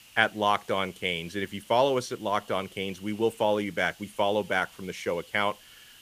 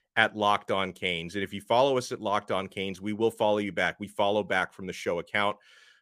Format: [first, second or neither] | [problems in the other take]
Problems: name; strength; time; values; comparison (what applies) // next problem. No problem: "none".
second | hiss; faint; throughout; 20 dB below the speech